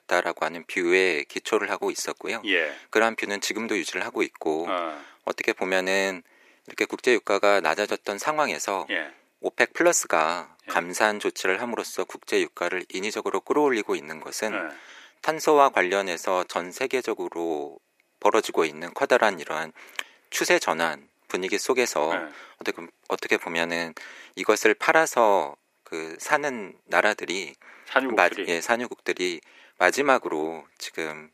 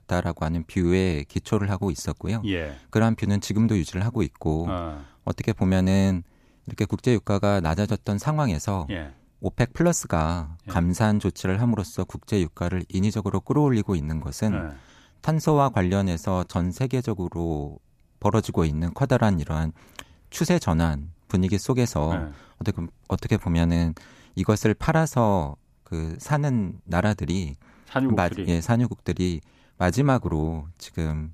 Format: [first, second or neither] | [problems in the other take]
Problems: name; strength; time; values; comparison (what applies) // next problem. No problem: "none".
second | thin; very; fading below 400 Hz